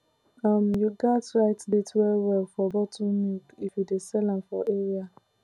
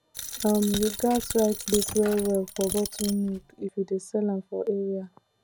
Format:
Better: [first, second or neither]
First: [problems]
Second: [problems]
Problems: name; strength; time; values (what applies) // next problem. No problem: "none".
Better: first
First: none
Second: background sound (Coin (dropping)); 8 dB below the speech